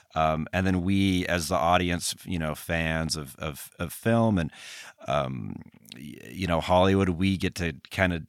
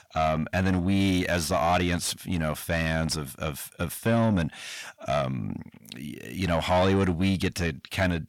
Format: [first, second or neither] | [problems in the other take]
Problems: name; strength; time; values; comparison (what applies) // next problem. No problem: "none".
first | distortion; slight; 10 dB below the speech